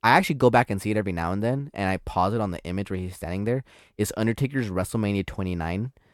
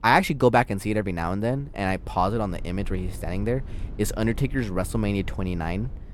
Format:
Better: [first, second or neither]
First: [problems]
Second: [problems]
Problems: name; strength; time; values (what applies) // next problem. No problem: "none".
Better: first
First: none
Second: low rumble; faint; throughout; 25 dB below the speech